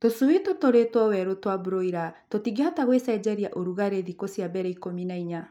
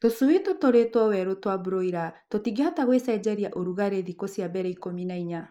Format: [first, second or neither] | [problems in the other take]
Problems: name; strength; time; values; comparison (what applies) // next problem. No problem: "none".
first | noise reduction (neural mask model Resemble Enhance denoiser)